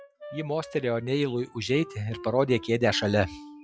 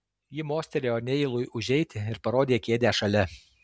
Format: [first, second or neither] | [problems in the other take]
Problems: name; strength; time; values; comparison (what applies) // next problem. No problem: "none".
second | noise reduction (classical method log-MMSE)